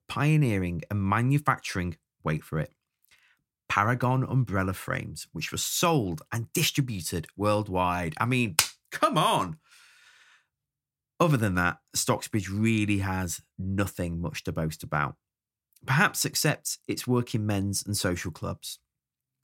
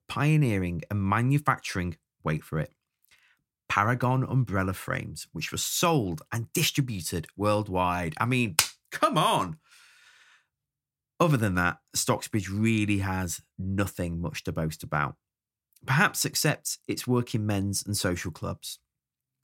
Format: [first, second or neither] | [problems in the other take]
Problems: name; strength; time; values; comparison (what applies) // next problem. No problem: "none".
neither | none